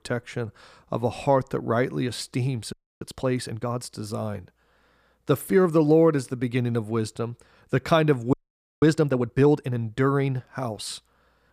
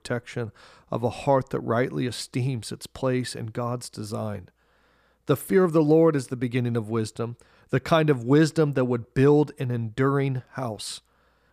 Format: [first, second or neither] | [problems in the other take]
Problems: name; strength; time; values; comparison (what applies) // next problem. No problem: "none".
second | audio freezing; at 2.5 s and at 8.5 s